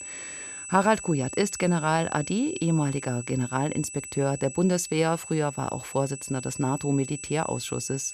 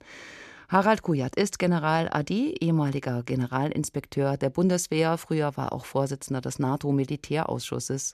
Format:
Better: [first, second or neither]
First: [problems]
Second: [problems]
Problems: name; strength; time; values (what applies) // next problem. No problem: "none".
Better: second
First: high-pitched whine; loud; throughout; 8 kHz, 10 dB below the speech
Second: none